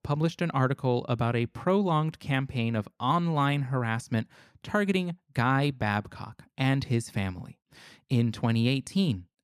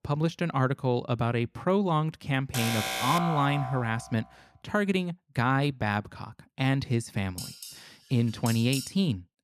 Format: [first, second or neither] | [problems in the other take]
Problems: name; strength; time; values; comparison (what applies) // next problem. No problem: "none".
first | alarm; noticeable; from 2.5 to 4 s; peak 1 dB below the speech // clattering dishes; noticeable; from 7.5 to 9 s; peak 7 dB below the speech